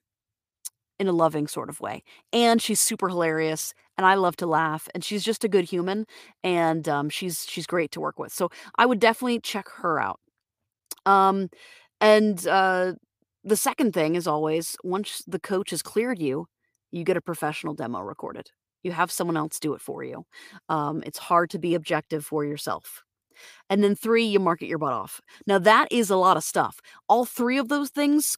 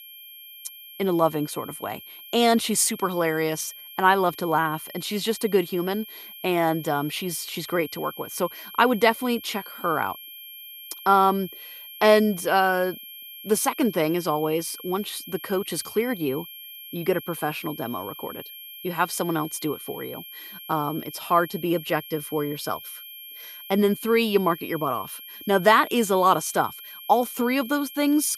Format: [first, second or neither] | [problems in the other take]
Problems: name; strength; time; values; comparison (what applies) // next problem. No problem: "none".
first | high-pitched whine; noticeable; throughout; 3 kHz, 15 dB below the speech